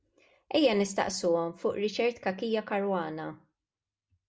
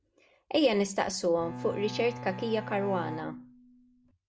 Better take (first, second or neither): first